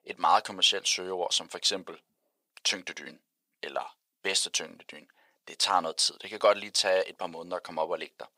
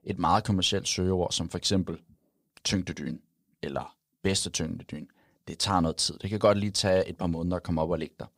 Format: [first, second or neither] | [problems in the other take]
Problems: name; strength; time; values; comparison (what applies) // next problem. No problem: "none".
second | thin; very; fading below 650 Hz